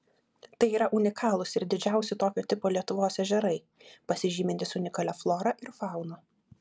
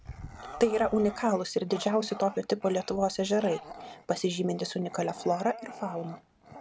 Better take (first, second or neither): first